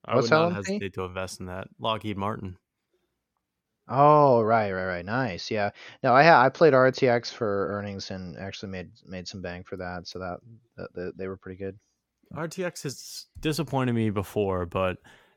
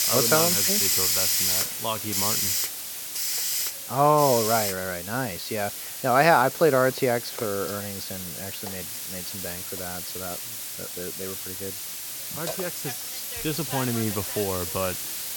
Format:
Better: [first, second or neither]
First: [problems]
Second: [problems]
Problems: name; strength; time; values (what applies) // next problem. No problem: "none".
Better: first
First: none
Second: hiss; loud; throughout; 1 dB below the speech